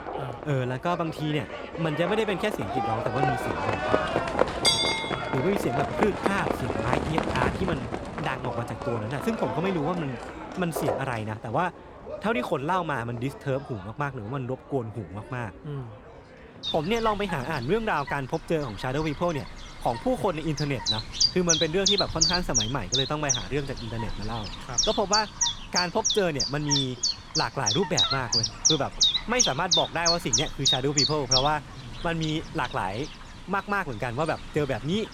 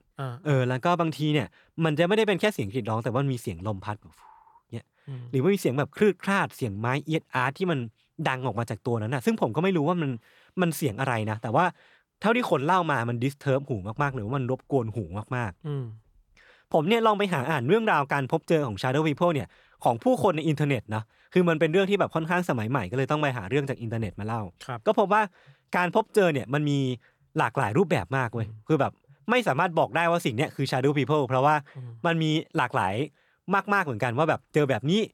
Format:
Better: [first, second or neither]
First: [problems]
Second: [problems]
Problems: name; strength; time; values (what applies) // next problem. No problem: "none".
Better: second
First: animal sounds; very loud; throughout; 3 dB above the speech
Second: none